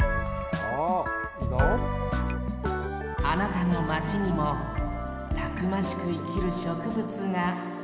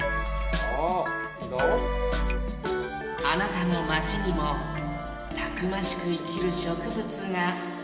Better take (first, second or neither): first